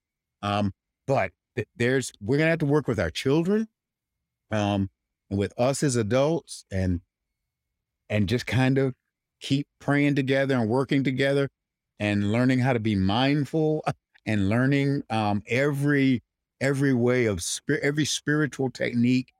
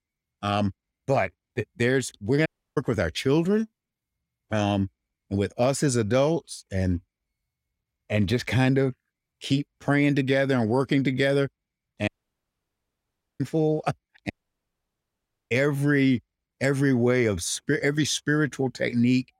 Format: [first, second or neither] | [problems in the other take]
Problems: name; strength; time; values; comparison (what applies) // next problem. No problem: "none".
first | audio cutting out; at 2.5 s, at 12 s for 1.5 s and at 14 s for 1 s